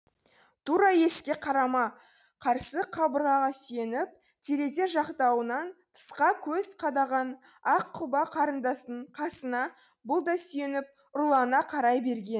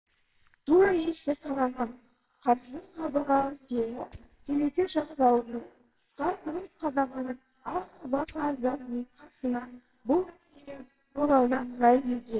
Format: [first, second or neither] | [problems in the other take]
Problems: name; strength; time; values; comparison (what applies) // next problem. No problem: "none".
first | noise reduction (neural separator model SepFormer WHAMR!)